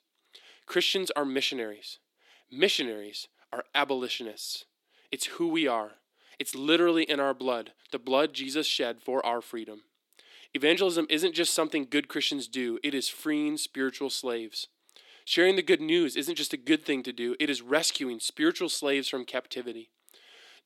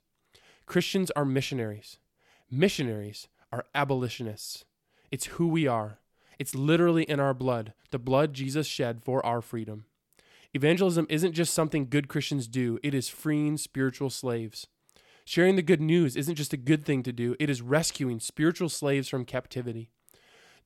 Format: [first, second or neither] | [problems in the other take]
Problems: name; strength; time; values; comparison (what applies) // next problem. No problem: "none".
second | thin; very slightly; fading below 300 Hz